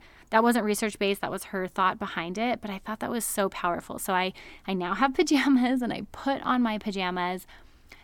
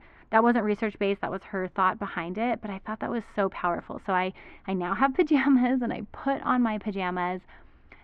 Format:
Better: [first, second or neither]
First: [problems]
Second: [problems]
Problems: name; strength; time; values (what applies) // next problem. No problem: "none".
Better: first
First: none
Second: muffled; very; fading above 2.5 kHz